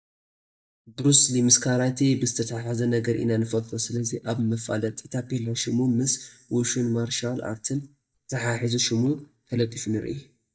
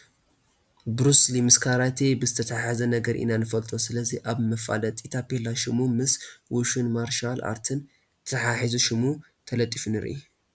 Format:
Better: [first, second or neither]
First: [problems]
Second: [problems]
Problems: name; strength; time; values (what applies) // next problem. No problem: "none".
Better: second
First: noise reduction (neural mask model DeepFilterNet 3)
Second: none